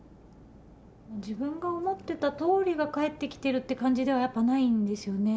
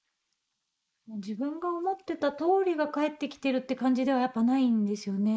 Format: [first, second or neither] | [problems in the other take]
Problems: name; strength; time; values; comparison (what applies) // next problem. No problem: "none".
first | noise reduction (neural mask model Resemble Enhance denoiser)